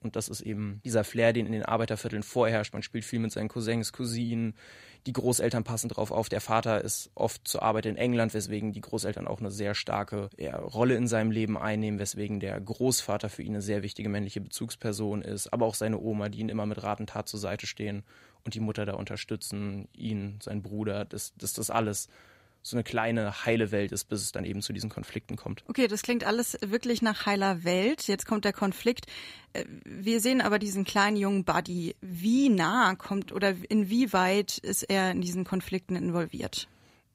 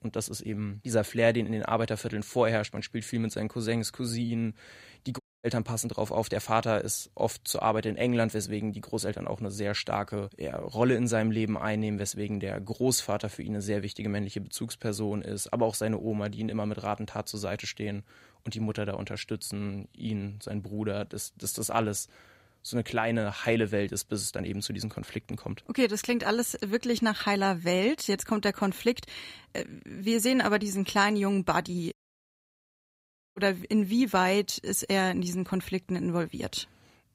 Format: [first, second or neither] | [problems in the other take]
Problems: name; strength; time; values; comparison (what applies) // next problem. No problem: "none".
first | audio cutting out; at 5 s and at 32 s for 1.5 s